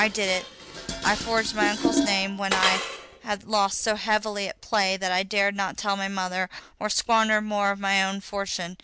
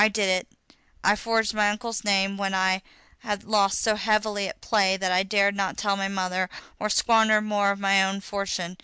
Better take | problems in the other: second | background sound (Dishes, pots, and pans); 7 dB below the speech

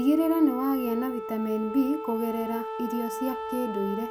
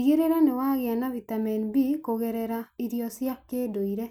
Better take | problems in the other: second | background sound (Wind instrument, woodwind instrument); 7 dB below the speech

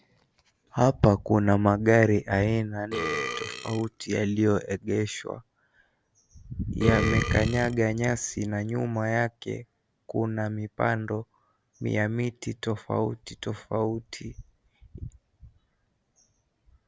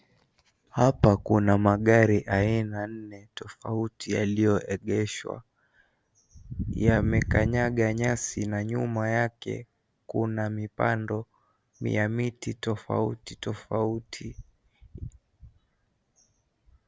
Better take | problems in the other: second | background sound (Burping, eructation); 7 dB below the speech

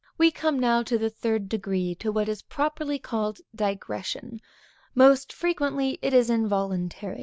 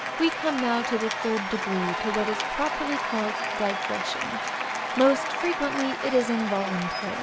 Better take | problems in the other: first | background sound (Applause / Cheering); 2 dB below the speech

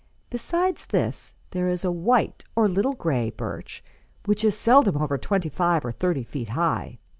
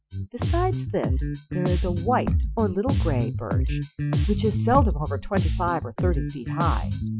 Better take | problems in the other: first | noise reduction (classical method Wiener filter)

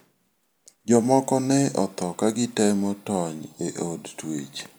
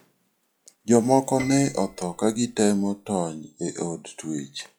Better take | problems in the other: first | noise reduction (classical method log-MMSE)

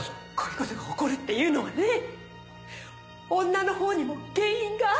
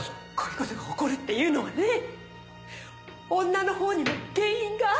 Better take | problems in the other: first | background sound (Slam); 16 dB below the speech

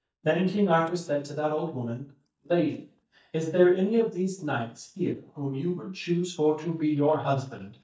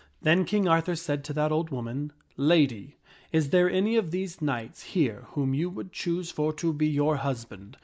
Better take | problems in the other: second | noise reduction (neural mask model DeepFilterNet 3)

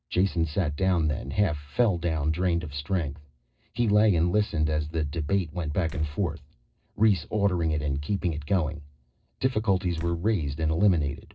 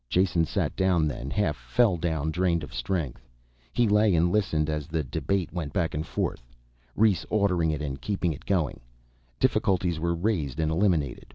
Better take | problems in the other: second | noise reduction (neural separator model SepFormer DNS4)

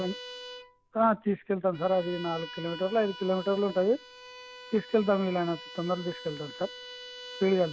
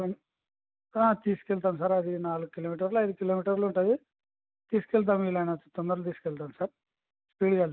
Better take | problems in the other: second | background sound (Bowed string instrument); 15 dB below the speech

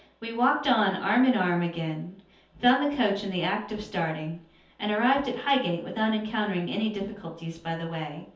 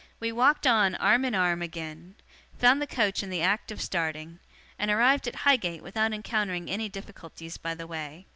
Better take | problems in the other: second | room echo; dies away in 0.5 s

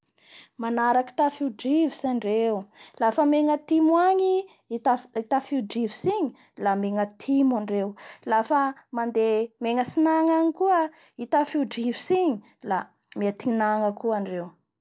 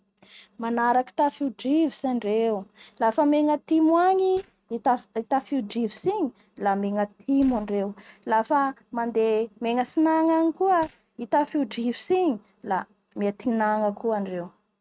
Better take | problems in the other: first | noise reduction (neural mask model RNNoise)

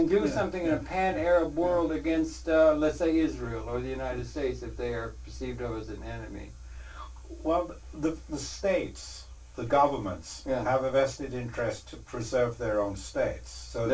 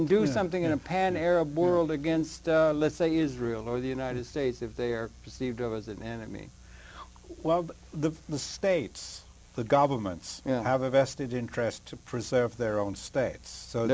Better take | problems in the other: second | room echo; dies away in 0.1 s

